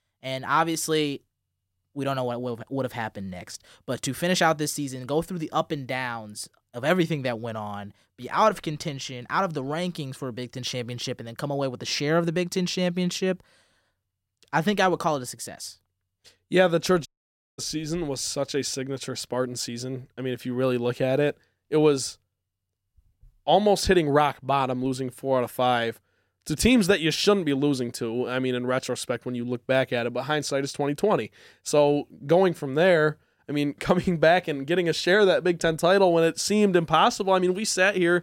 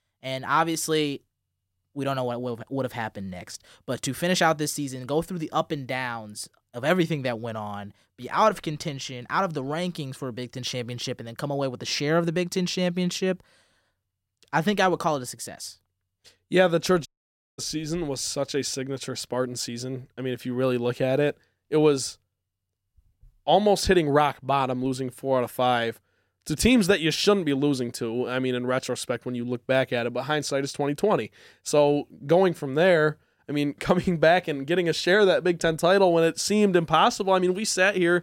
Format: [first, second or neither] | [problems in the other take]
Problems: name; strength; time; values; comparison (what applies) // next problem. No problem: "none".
neither | audio cutting out; at 17 s for 0.5 s; the same in both